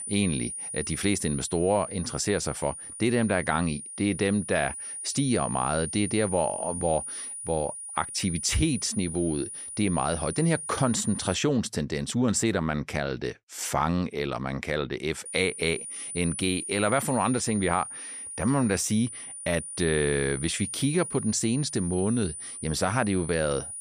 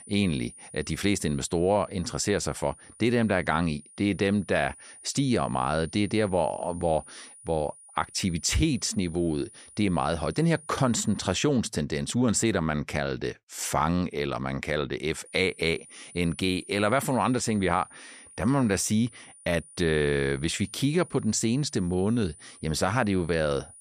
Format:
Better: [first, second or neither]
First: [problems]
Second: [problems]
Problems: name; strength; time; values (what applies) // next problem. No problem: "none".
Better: second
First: high-pitched whine; loud; until 11 s and from 15 s on; 9.5 kHz, 7 dB below the speech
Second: high-pitched whine; faint; until 11 s and from 15 s on; 9.5 kHz, 20 dB below the speech